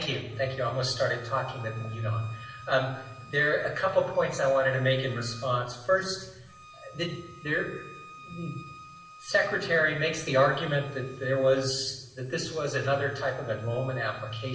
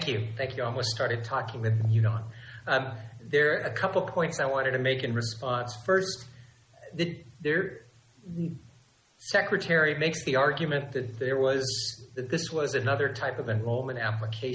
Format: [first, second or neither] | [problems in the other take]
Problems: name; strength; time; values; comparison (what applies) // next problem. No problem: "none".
second | background sound (Bowed string instrument); 20 dB below the speech // room echo; dies away in 0.9 s